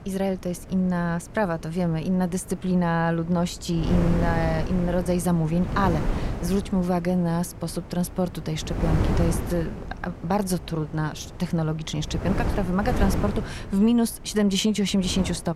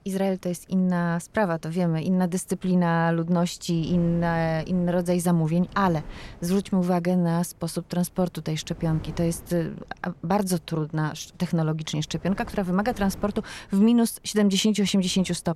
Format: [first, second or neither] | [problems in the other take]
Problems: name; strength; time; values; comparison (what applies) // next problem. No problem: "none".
second | wind noise on the microphone; heavy; 8 dB below the speech; occasional gusts in the second